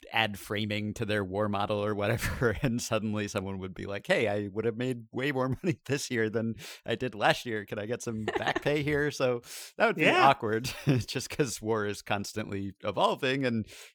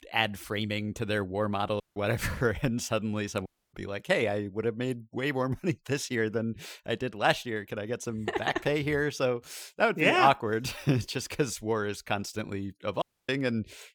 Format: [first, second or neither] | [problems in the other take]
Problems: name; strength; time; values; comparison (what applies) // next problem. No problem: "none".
first | audio cutting out; at 2 s, at 3.5 s and at 13 s